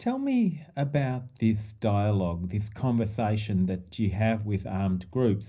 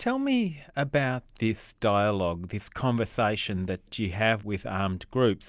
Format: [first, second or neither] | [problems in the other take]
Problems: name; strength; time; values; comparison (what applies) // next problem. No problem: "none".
second | room echo; dies away in 0.5 s